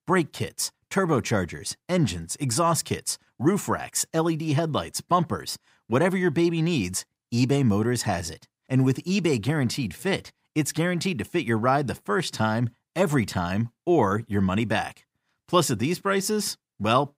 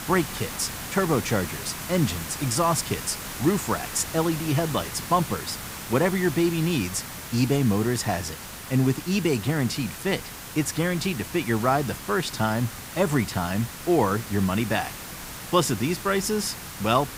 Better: first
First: none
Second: hiss; loud; throughout; 9 dB below the speech

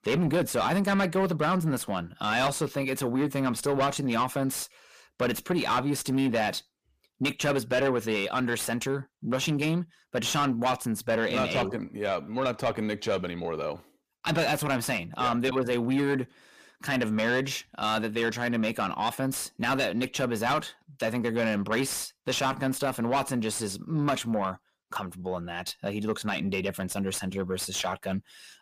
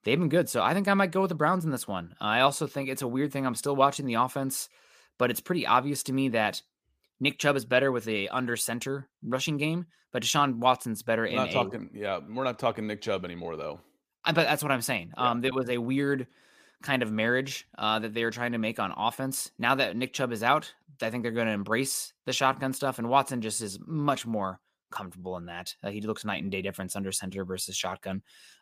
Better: second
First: distortion; heavy; 7 dB below the speech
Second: none

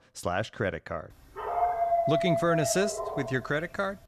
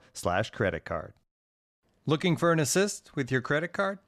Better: second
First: dog barking; loud; from 1.5 to 3.5 s; peak 3 dB above the speech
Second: none

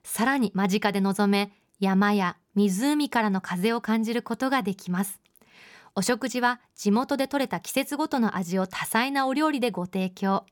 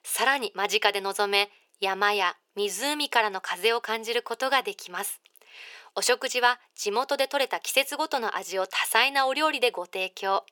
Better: first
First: none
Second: thin; very; fading below 450 Hz

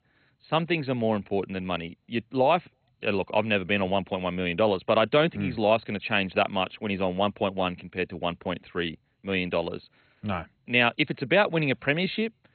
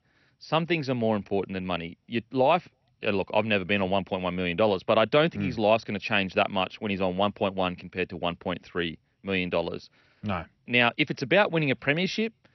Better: second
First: garbled, watery; badly; nothing above 4 kHz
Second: garbled, watery; slightly; nothing above 6 kHz

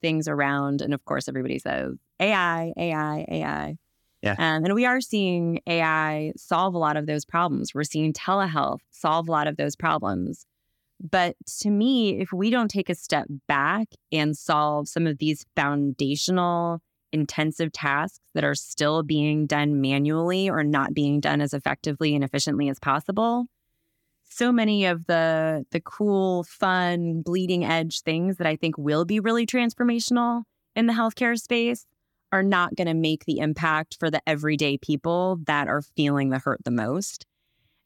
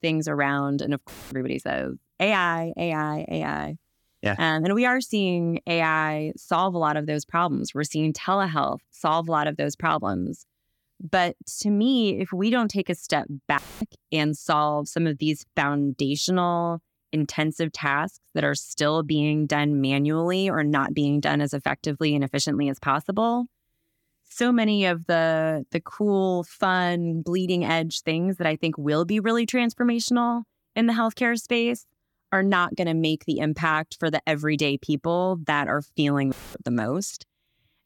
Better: first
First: none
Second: audio cutting out; filled with static; at 1 s, at 14 s and at 36 s

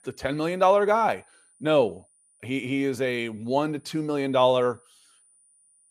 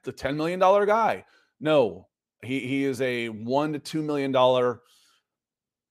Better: second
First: high-pitched whine; faint; throughout; 9.5 kHz, 35 dB below the speech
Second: none

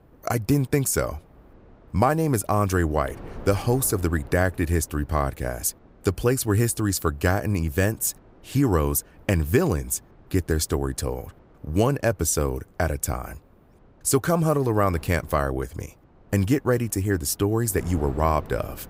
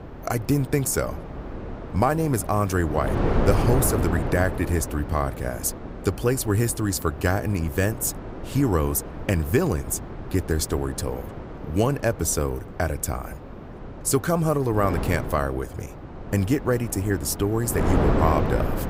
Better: first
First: wind noise on the microphone; occasional gusts; 25 dB below the speech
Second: wind noise on the microphone; heavy; 7 dB below the speech

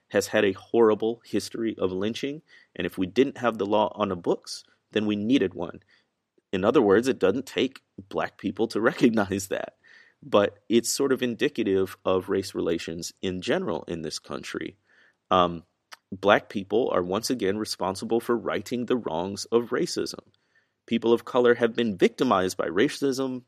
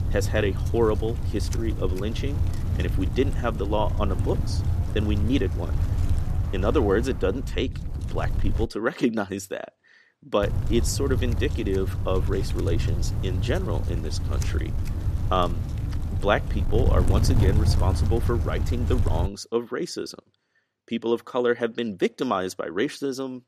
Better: first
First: none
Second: wind noise on the microphone; occasional gusts; until 8.5 s and from 10 to 19 s; 10 dB below the speech

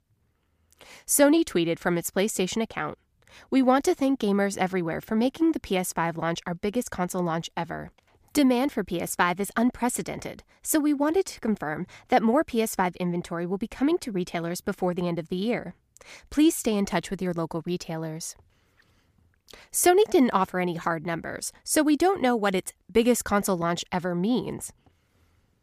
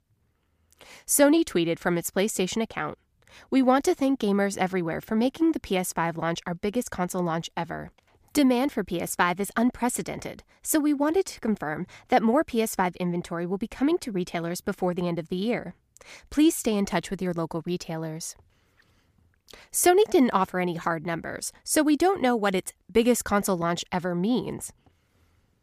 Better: neither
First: none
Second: none

